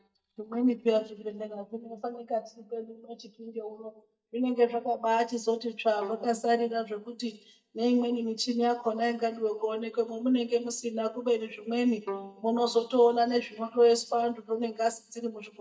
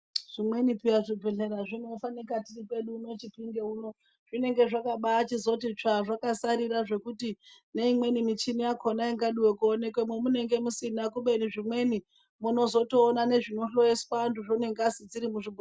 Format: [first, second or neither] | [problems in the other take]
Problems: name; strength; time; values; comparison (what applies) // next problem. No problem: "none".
second | noise reduction (neural mask model DeepFilterNet 3)